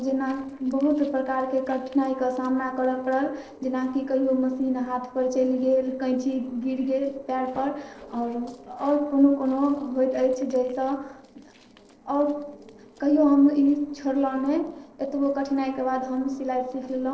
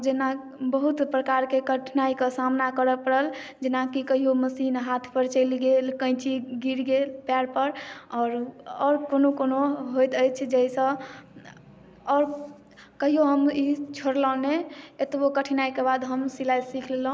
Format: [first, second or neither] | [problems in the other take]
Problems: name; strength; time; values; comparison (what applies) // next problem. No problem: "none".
second | noise reduction (neural separator model SepFormer DNS4)